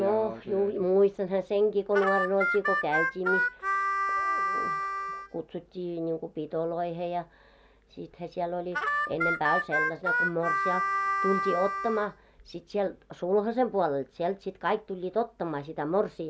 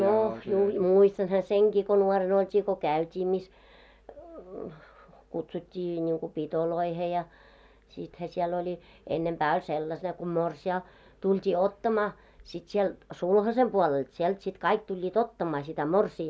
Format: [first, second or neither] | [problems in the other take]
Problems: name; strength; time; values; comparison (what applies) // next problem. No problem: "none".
second | background sound (Harmonica); 1 dB above the speech